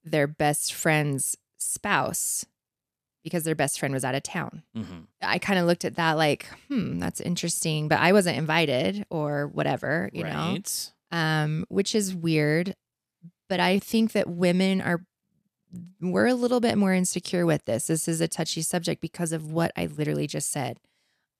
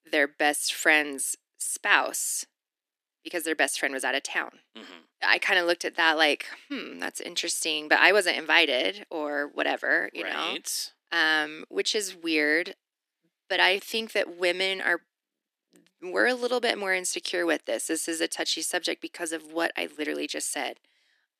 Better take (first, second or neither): first